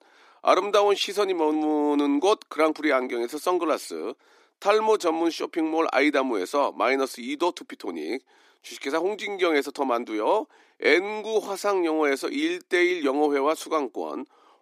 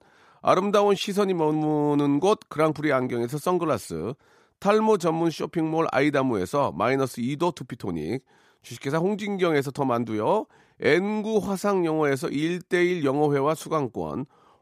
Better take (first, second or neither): second